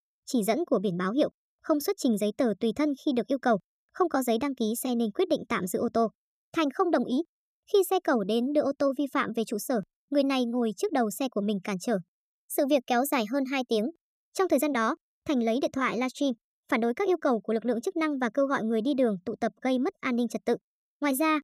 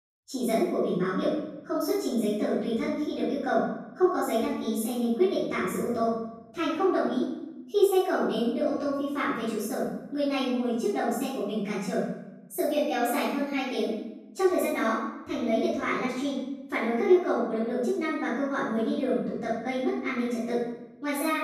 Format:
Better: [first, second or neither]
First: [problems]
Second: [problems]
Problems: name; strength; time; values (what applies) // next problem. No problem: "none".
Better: first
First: none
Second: off-mic speech; far // room echo; strong; dies away in 0.8 s